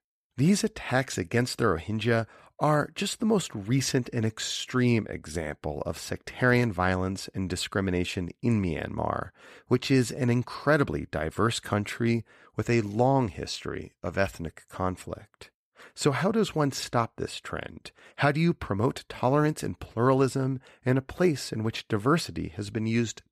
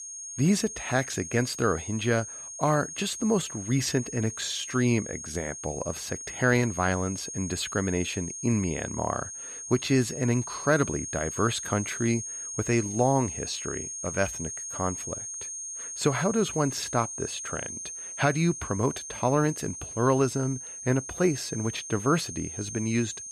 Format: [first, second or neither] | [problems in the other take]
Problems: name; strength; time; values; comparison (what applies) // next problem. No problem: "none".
first | high-pitched whine; loud; throughout; 6.5 kHz, 7 dB below the speech